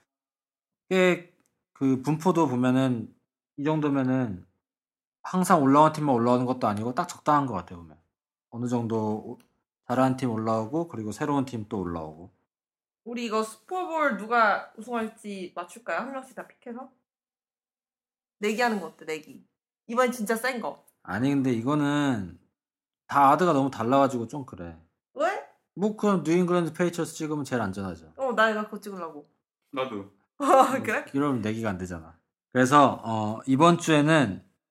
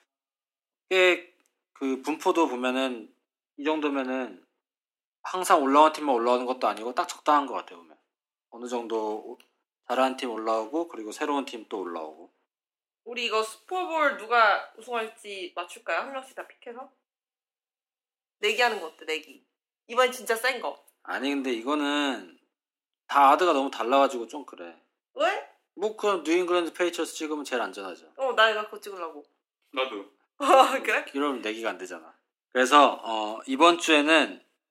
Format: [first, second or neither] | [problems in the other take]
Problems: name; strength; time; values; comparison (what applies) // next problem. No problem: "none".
first | thin; somewhat; fading below 300 Hz